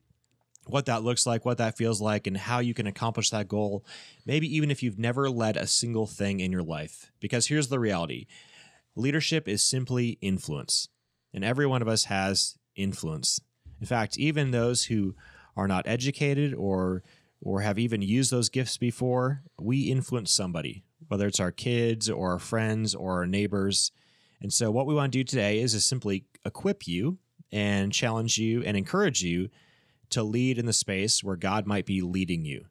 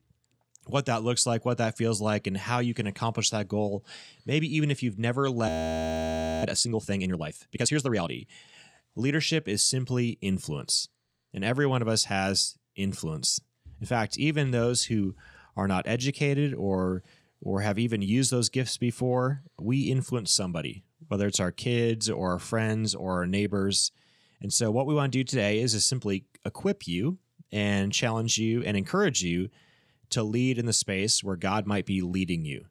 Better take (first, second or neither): first